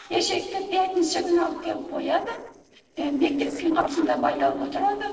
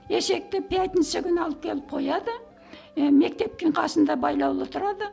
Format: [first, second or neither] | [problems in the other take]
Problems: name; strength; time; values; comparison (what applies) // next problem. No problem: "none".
second | noise reduction (neural separator model SepFormer DNS4)